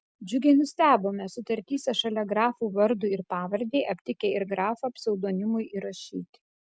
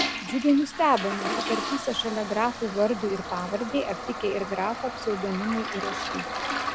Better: first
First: none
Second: background sound (Toilet flush); 5 dB below the speech

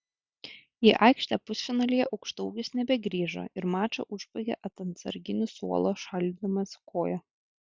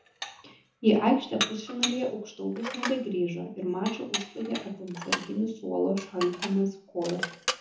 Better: first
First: none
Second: background sound (Dishes, pots, and pans); 7 dB below the speech // room echo; dies away in 0.6 s

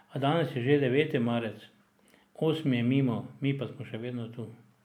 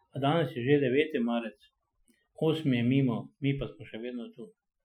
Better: first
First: none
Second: noise reduction (classical method Wiener filter)

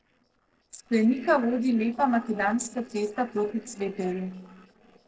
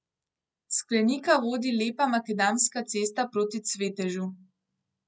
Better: second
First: noise reduction (neural separator model SepFormer DNS4)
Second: none

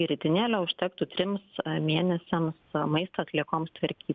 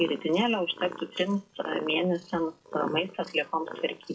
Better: first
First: none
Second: noise reduction (classical method WPE with log-MMSE)

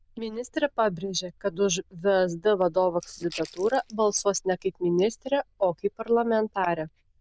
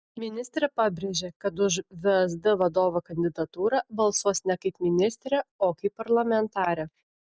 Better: second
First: noise reduction (neural diffusion model UNIVERSE++)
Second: none

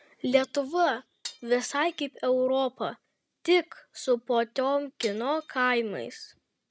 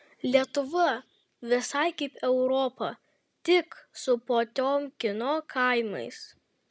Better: second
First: noise reduction (neural mask model RNNoise)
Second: none

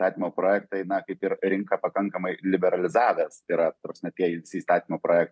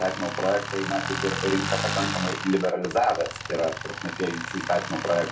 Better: first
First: none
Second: background sound (Tools); 5 dB below the speech // room echo; dies away in 0.2 s

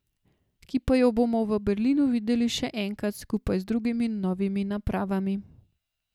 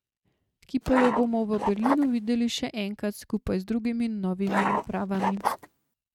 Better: first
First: none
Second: noise reduction (neural mask model RNNoise)

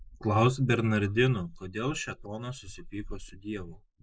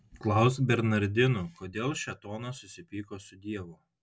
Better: second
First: noise reduction (neural mask model Resemble Enhance denoiser)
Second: none

